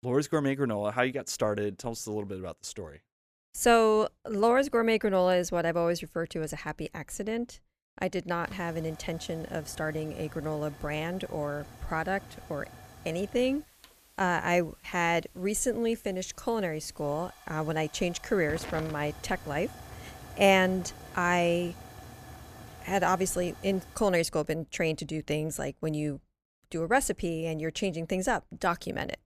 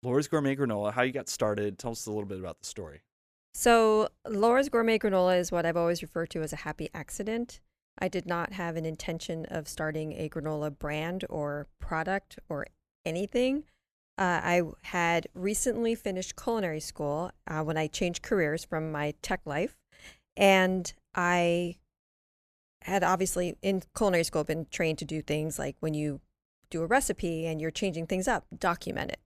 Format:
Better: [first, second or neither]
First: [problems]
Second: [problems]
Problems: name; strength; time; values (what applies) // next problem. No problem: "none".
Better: second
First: hiss; noticeable; from 8.5 to 24 s; 20 dB below the speech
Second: none